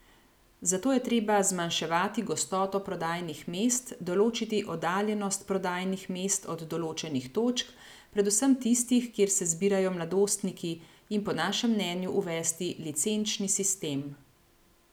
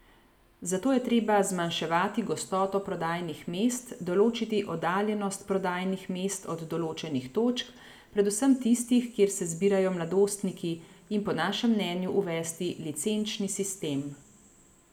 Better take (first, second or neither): first